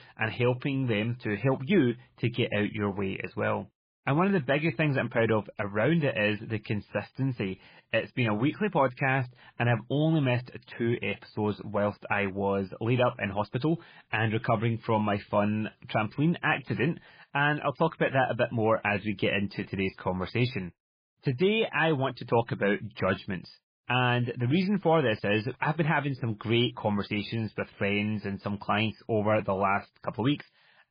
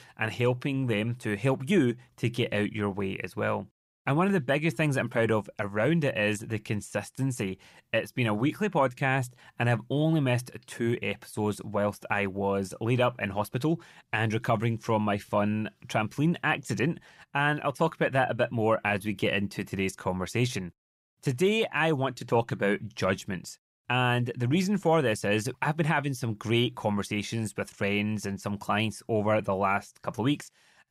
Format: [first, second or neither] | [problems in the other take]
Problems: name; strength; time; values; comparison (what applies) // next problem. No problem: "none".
second | garbled, watery; badly